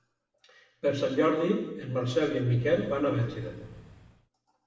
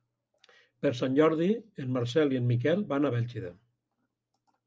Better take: second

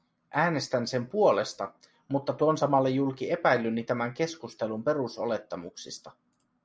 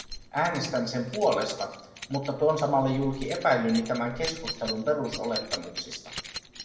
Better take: first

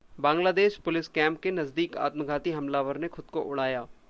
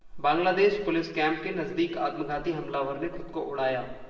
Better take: first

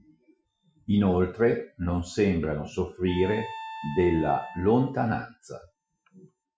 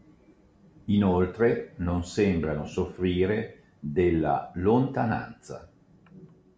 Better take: second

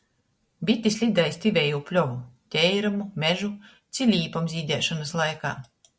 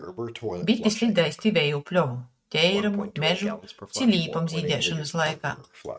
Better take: first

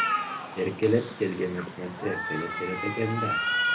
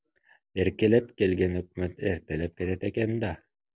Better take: second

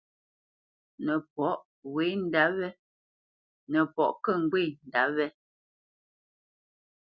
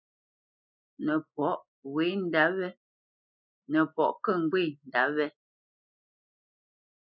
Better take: first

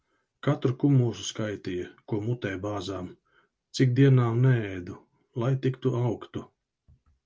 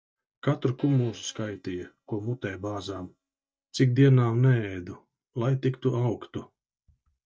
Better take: first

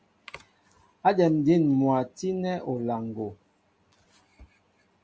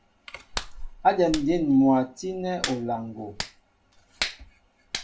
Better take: first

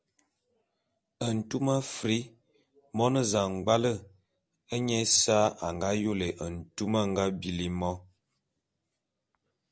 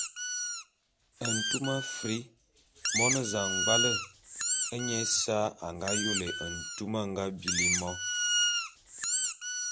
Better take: first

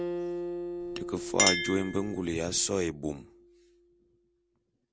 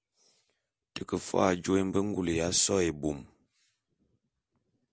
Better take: second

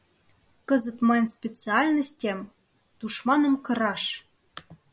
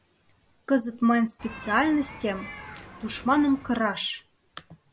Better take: first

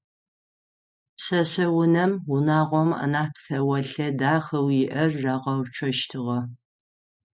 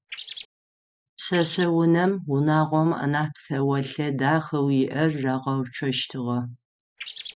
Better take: first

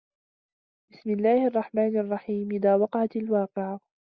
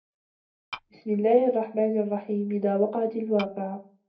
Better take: first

